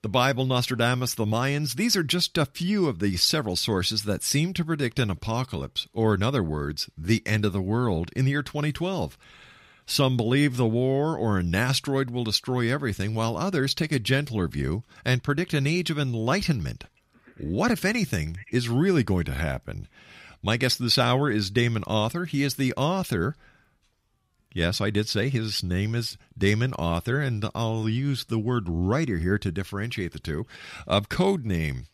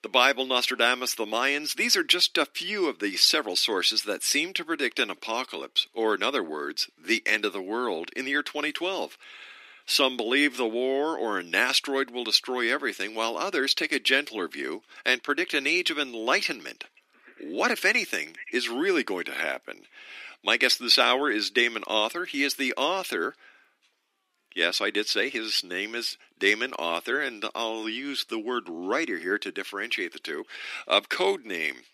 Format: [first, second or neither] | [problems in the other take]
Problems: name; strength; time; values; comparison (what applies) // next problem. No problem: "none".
first | thin; somewhat; fading below 300 Hz